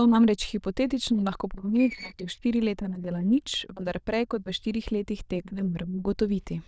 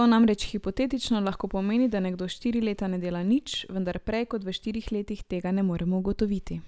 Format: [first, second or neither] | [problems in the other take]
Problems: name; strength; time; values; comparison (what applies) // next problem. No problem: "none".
second | noise reduction (neural diffusion model UNIVERSE++)